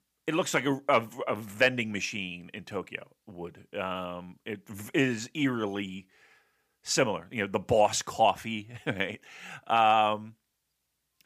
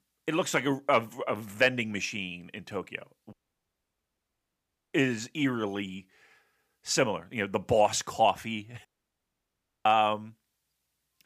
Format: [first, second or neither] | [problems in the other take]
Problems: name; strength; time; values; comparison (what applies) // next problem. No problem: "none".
first | audio cutting out; at 3.5 s for 1.5 s and at 9 s for 1 s